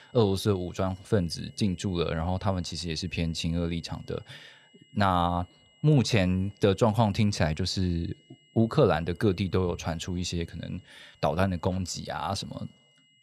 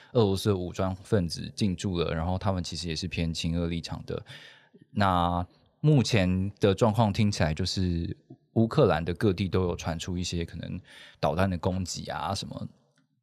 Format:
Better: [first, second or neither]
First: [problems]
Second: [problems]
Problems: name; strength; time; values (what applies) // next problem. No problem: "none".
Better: second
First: high-pitched whine; faint; throughout; 3 kHz, 30 dB below the speech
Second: none